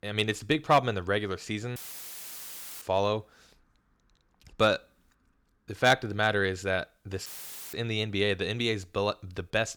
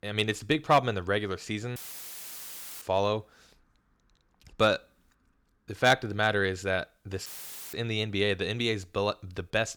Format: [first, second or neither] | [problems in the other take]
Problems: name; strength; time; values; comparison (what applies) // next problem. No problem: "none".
neither | audio cutting out; filled with static; at 2 s for 1 s and at 7.5 s; the same in both